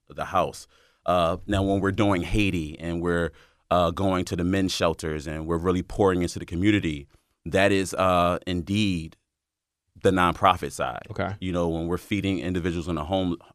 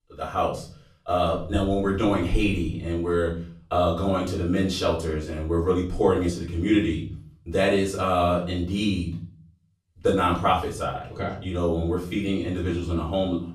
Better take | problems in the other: first | off-mic speech; far // room echo; slight; dies away in 0.5 s

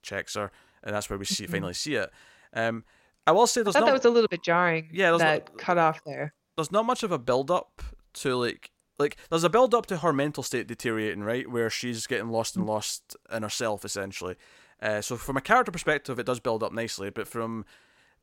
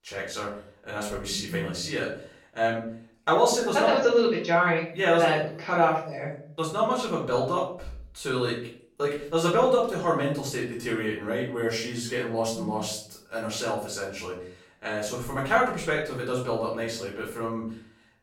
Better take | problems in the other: first | room echo; noticeable; dies away in 0.5 s // off-mic speech; far

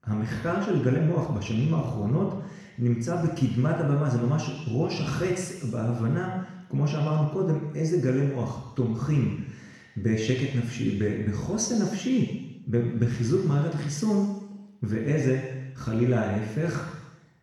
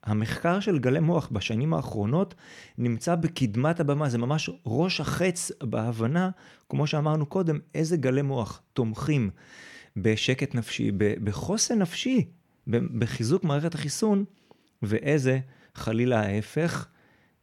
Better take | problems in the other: second | room echo; noticeable; dies away in 1 s // off-mic speech; far

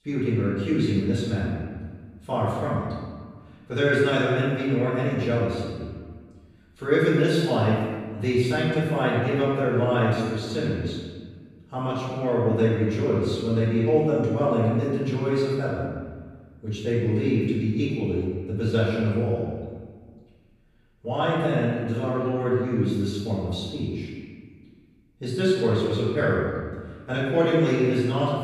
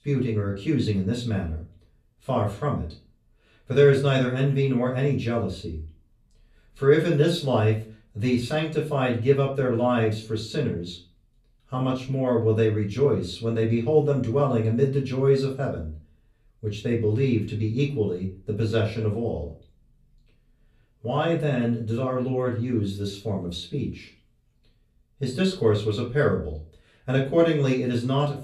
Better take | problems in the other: second | room echo; strong; dies away in 1.3 s; slight in the second // off-mic speech; far; far in the second

